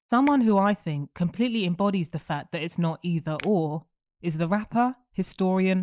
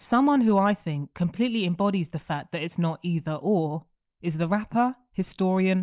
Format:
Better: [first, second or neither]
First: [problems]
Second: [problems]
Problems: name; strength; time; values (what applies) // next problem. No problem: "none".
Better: second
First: noise reduction (neural mask model DeepFilterNet 3)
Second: none